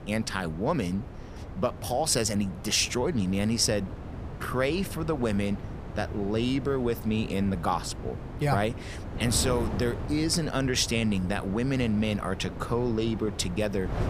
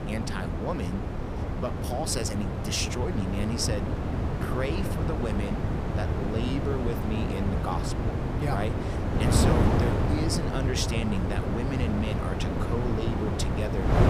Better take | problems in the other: first | wind noise on the microphone; heavy; as loud as the speech; occasional gusts in the first

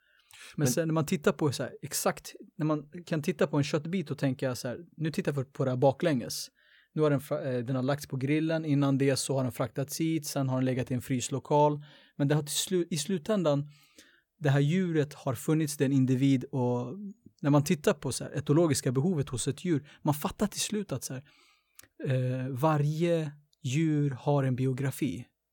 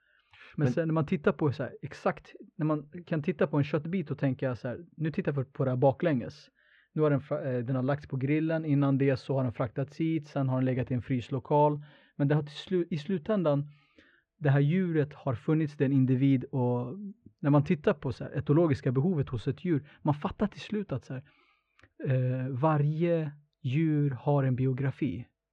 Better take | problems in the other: first | muffled; very; fading above 2.5 kHz

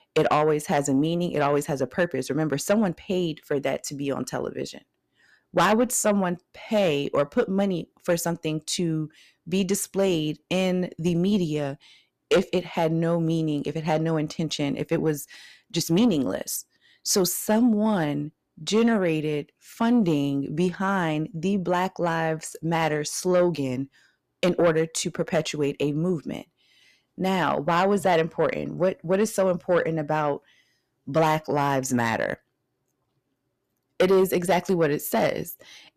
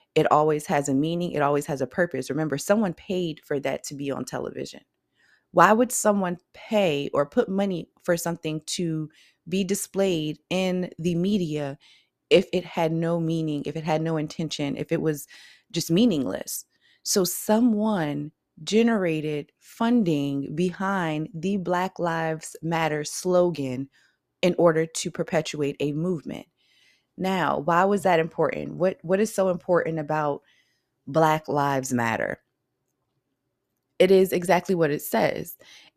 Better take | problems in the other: second | distortion; slight; 10 dB below the speech

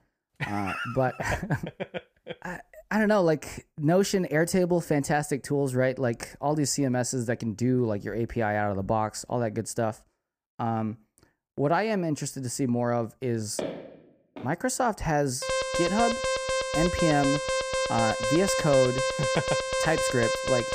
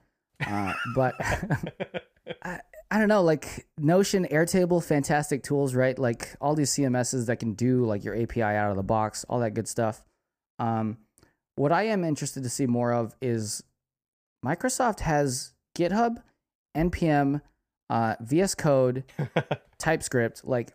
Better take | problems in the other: second | footsteps; noticeable; at 14 s; peak 7 dB below the speech // alarm; loud; from 15 s on; peak 1 dB above the speech

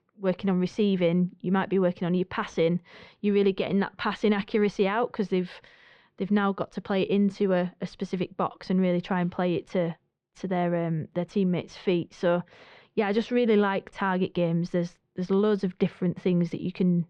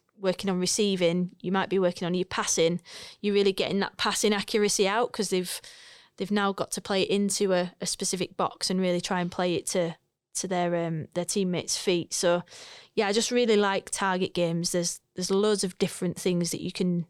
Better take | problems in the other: second | muffled; very; fading above 2.5 kHz

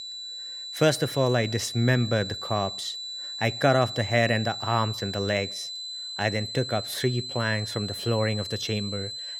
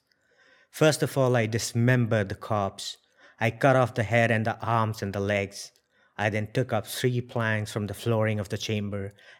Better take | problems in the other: second | high-pitched whine; loud; throughout; 4 kHz, 7 dB below the speech

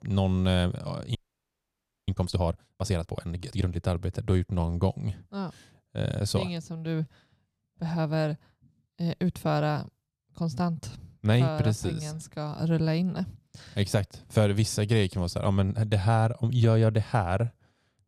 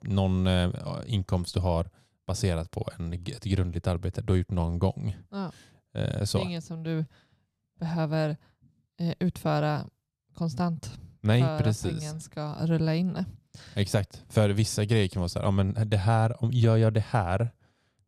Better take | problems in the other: second | audio freezing; at 1 s for 1 s

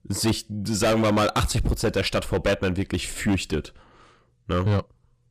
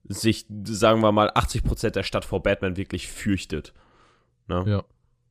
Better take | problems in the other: second | distortion; heavy; 12% of the sound clipped

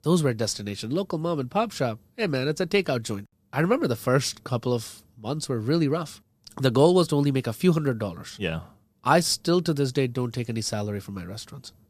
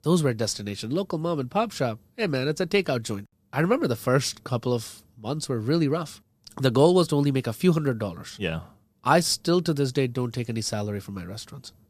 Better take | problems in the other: neither | none

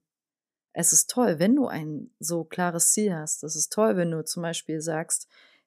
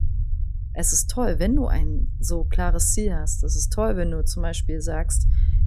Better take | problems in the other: first | low rumble; noticeable; throughout; 20 dB below the speech

